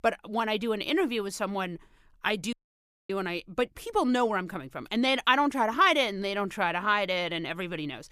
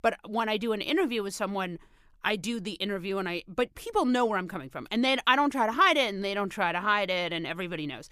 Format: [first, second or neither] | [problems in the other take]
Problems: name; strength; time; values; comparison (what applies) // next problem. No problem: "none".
second | audio cutting out; at 2.5 s for 0.5 s